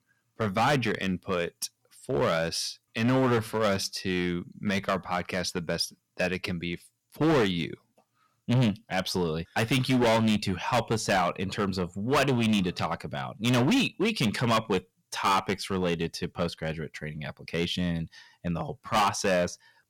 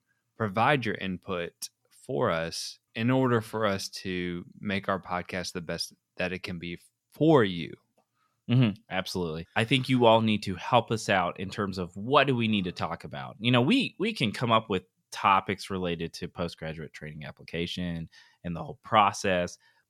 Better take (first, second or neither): second